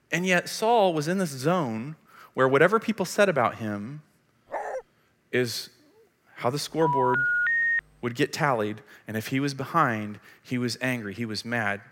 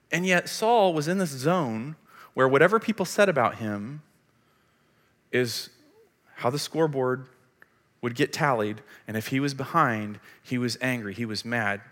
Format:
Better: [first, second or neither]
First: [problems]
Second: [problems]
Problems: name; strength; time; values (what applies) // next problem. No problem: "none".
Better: second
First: dog barking; noticeable; at 4.5 s; peak 8 dB below the speech // phone ringing; loud; at 7 s; peak 4 dB above the speech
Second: none